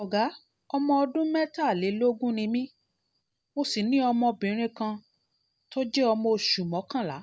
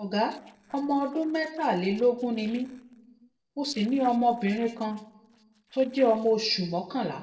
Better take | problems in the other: first | noise reduction (neural separator model SepFormer DNS4)

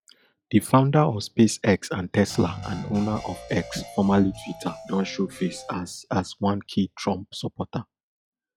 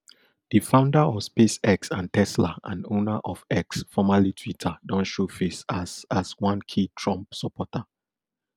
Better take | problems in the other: second | noise reduction (classical method log-MMSE)

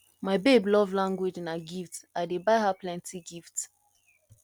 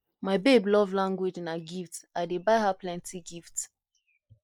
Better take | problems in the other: first | noise reduction (neural mask model Resemble Enhance denoiser)

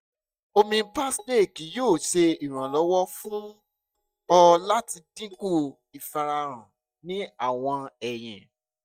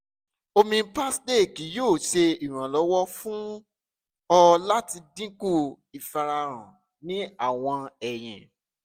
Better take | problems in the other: second | noise reduction (neural mask model DeepFilterNet 3)

